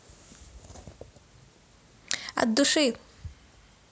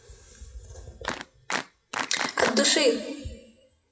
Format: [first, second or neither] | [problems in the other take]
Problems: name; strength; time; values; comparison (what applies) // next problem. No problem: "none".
first | noise reduction (classical method WPE with log-MMSE)